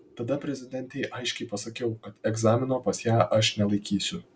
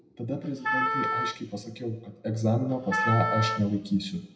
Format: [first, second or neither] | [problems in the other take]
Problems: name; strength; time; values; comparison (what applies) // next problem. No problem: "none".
first | background sound (Wind instrument, woodwind instrument); 1 dB below the speech // room echo; dies away in 0.7 s